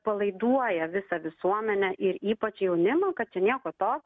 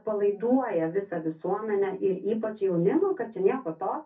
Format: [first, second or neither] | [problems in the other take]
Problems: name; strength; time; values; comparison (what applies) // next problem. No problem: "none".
first | room echo; dies away in 0.3 s